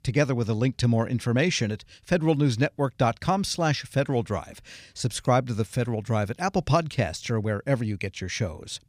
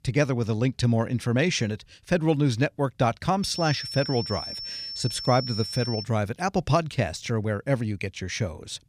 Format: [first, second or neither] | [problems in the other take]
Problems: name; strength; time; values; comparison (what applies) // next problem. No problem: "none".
first | high-pitched whine; loud; from 3.5 to 6 s; 5.5 kHz, 7 dB below the speech